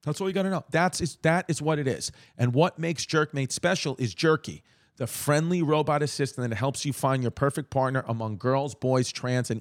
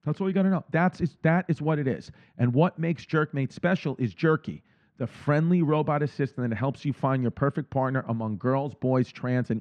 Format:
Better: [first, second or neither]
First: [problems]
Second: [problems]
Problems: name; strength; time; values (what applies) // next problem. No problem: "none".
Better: first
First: none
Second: muffled; very; fading above 2 kHz